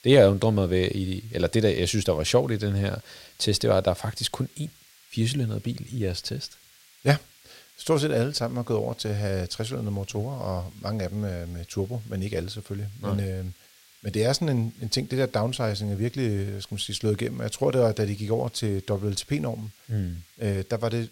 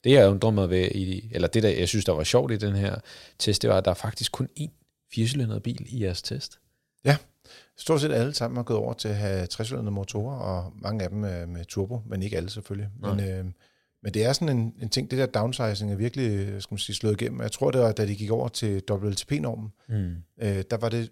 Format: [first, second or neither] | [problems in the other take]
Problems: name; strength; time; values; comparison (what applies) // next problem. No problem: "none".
second | hiss; faint; throughout; 25 dB below the speech